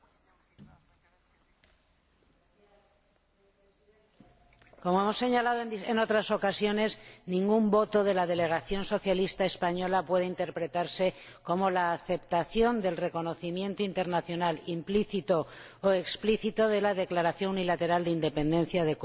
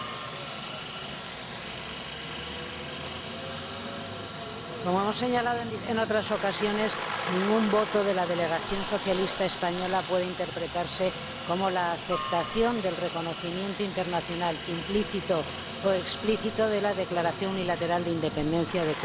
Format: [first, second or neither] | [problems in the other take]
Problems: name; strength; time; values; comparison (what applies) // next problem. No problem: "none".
first | background sound (Aircraft); 6 dB below the speech